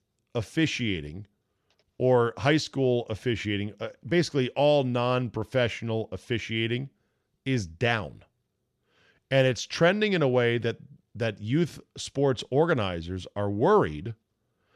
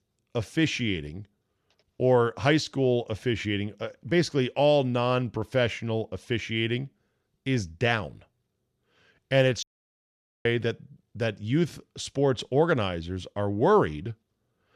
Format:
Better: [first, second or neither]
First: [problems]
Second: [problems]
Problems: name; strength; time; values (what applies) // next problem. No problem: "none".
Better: first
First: none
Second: audio cutting out; at 9.5 s for 1 s